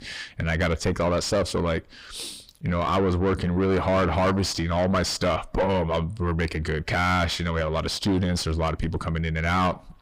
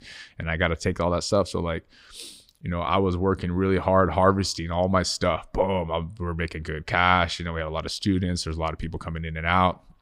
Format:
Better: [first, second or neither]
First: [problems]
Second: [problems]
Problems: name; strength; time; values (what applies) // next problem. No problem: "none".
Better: second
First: distortion; heavy; 5 dB below the speech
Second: none